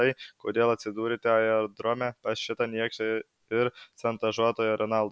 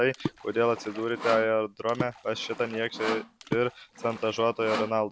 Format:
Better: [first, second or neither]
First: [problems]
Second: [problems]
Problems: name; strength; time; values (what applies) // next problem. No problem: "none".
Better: first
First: none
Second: background sound (Sawing + Water / Splash, splatter); 9 dB below the speech